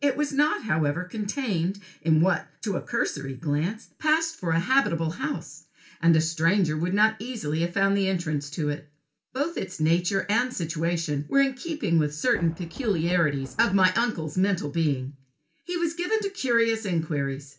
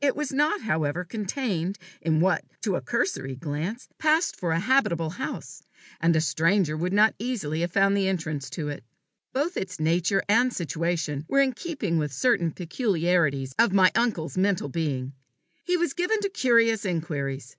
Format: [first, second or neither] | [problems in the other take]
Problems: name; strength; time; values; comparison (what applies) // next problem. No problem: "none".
second | background sound (Thunder); 17 dB below the speech // room echo; dies away in 0.2 s